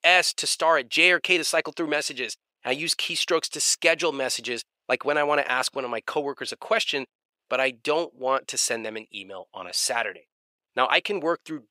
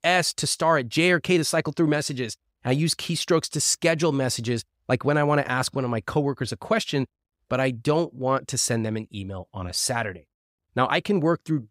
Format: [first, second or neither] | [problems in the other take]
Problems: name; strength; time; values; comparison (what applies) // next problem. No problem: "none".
second | thin; somewhat; fading below 500 Hz